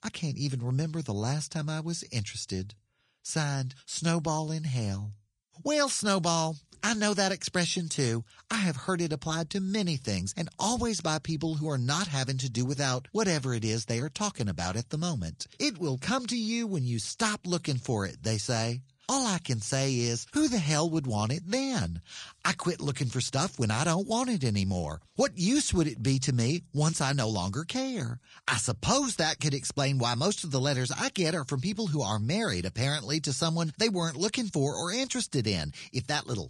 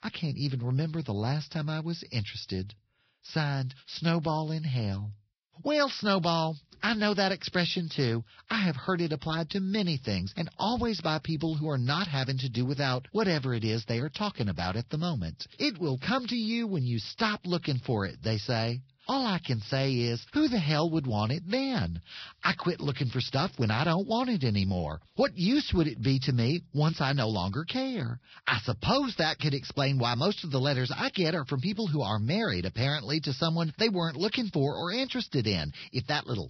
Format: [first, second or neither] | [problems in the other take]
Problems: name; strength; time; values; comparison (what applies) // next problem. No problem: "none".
first | garbled, watery; badly; nothing above 5.5 kHz; slightly in the first